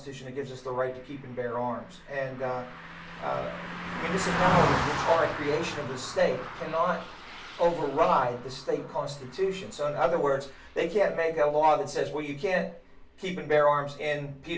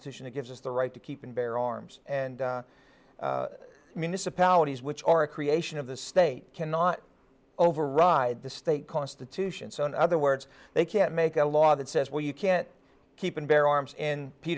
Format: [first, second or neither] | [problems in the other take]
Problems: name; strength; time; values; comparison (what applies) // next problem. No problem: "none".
second | background sound (Car passing by); 8 dB below the speech // room echo; dies away in 0.3 s